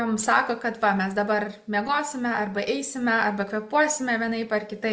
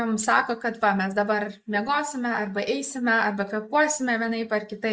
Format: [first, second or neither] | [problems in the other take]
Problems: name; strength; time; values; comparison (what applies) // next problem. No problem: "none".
first | noise reduction (neural mask model Resemble Enhance denoiser)